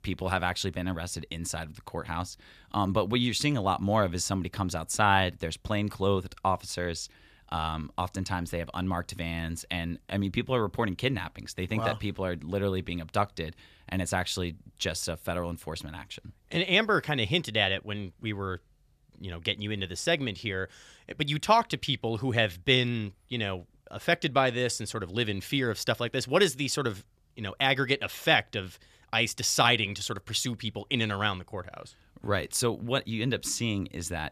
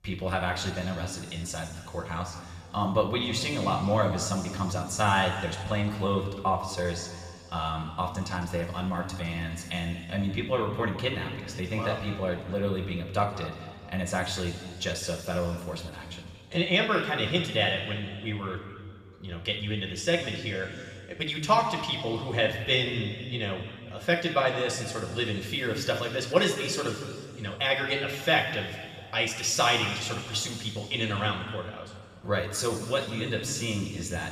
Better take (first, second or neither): first